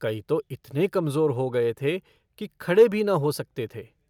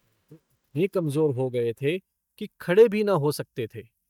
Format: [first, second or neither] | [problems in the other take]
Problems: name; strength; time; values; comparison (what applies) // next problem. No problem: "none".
first | noise reduction (neural mask model DeepFilterNet 3)